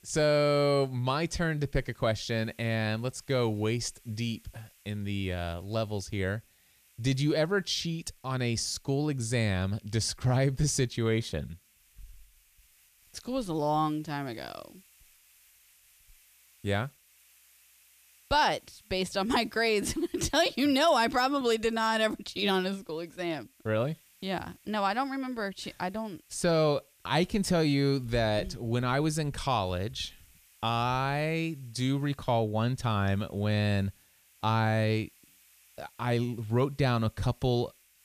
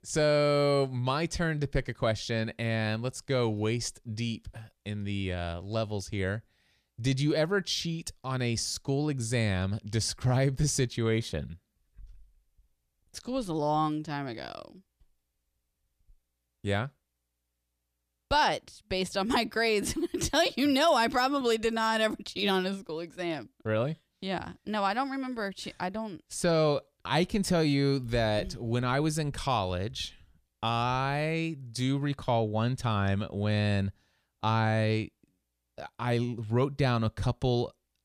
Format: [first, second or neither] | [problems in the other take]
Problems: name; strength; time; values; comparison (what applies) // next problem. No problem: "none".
second | hiss; faint; throughout; 30 dB below the speech